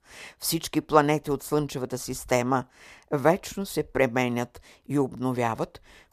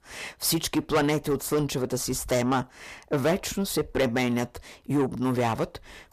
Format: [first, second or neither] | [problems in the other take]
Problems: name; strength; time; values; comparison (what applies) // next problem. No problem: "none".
first | distortion; heavy; 6 dB below the speech